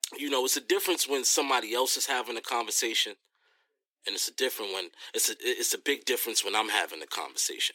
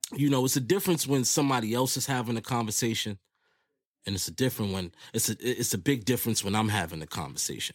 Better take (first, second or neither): second